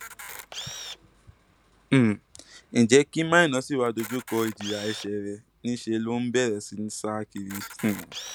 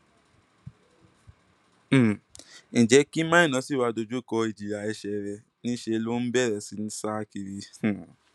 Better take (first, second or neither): second